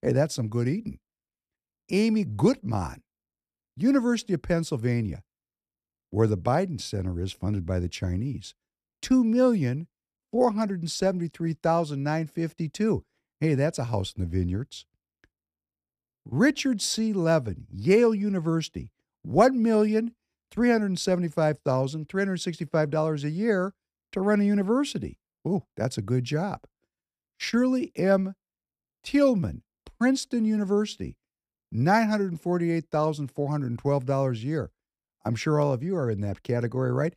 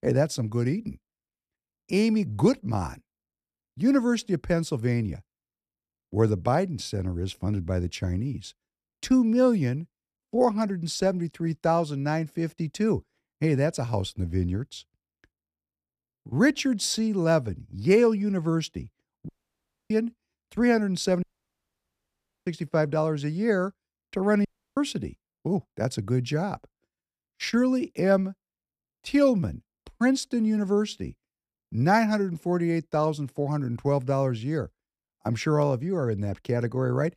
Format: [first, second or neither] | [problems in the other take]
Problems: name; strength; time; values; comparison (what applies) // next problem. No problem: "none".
first | audio cutting out; at 19 s for 0.5 s, at 21 s for 1 s and at 24 s